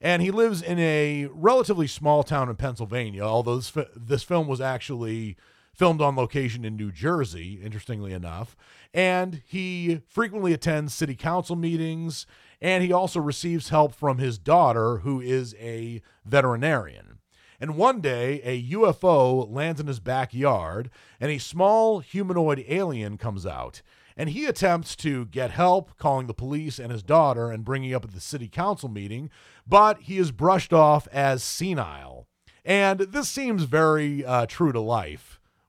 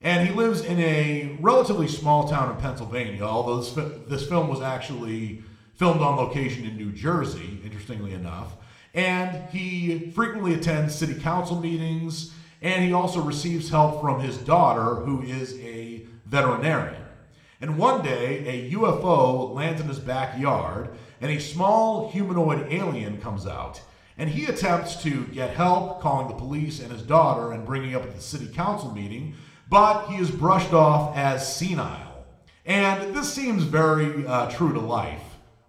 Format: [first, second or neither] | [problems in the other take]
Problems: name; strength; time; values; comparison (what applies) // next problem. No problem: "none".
first | room echo; slight; dies away in 0.8 s